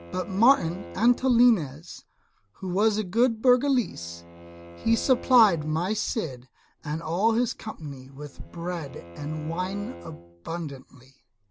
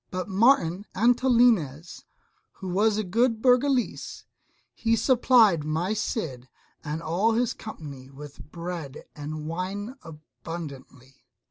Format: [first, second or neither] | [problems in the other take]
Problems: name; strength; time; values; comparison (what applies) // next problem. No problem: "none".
second | background sound (Bowed string instrument); 19 dB below the speech